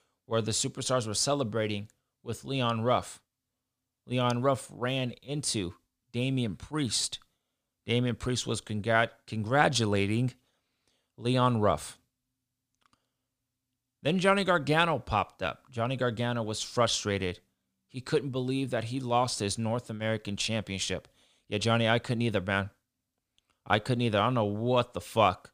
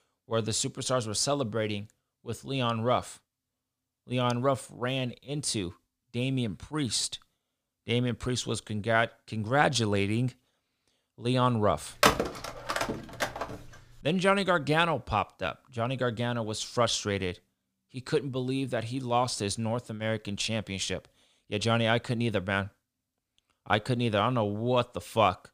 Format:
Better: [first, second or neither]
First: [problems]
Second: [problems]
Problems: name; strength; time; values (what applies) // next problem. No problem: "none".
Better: first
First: none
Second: phone ringing; loud; from 12 to 13 s; peak 5 dB above the speech